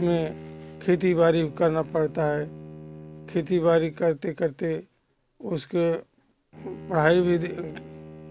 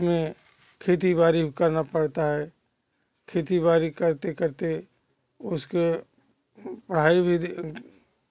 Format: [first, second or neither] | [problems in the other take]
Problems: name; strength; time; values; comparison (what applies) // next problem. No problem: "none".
second | background sound (Bowed string instrument); 17 dB below the speech